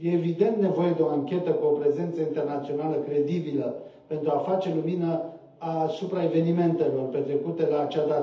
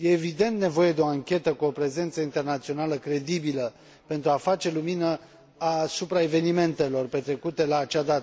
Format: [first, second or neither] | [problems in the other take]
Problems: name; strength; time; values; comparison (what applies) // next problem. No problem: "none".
second | room echo; dies away in 0.8 s